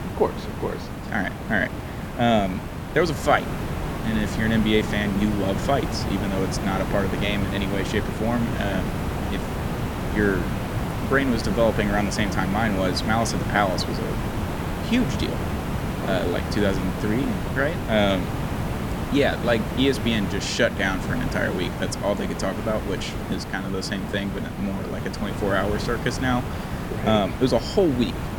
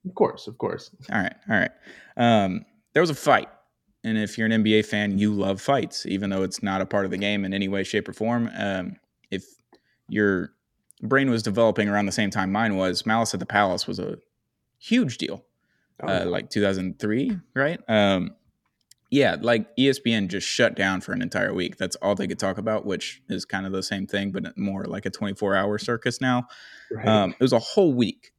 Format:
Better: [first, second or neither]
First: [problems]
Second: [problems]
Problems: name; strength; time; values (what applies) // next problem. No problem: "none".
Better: second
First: hiss; loud; throughout; 4 dB below the speech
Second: none